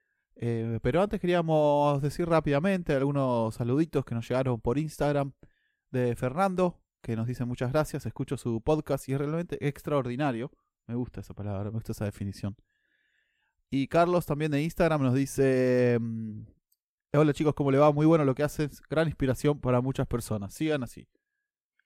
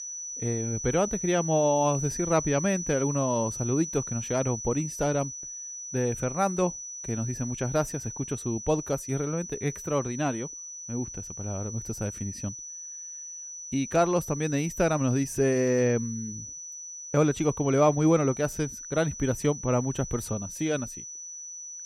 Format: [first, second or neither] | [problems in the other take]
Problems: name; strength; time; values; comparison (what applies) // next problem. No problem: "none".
first | high-pitched whine; loud; throughout; 6 kHz, 8 dB below the speech